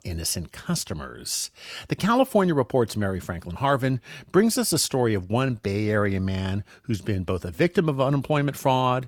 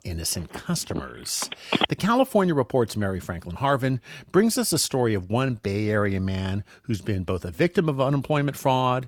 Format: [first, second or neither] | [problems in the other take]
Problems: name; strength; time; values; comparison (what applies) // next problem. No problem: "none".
first | phone ringing; loud; from 0.5 to 2 s; peak 1 dB above the speech